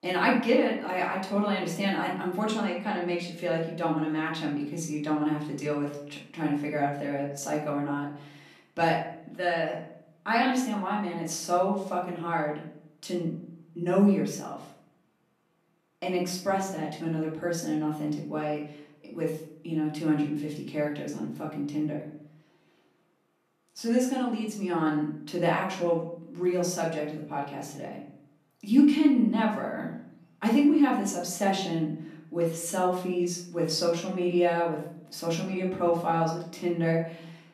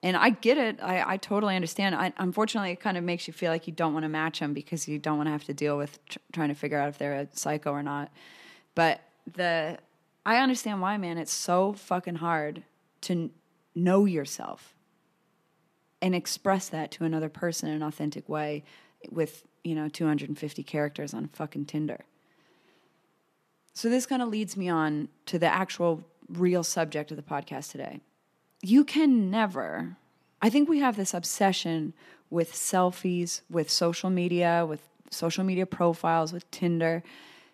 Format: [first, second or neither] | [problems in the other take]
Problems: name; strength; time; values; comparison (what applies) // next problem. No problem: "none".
second | off-mic speech; far // room echo; noticeable; dies away in 0.6 s